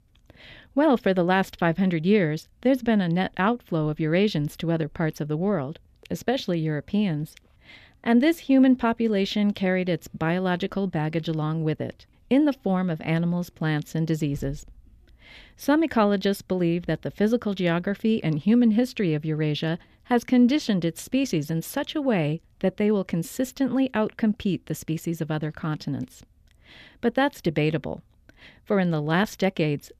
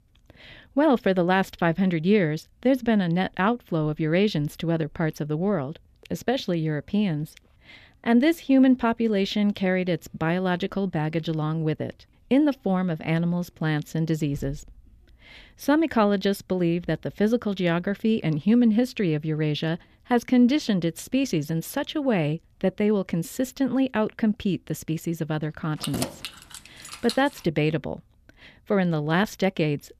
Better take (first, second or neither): first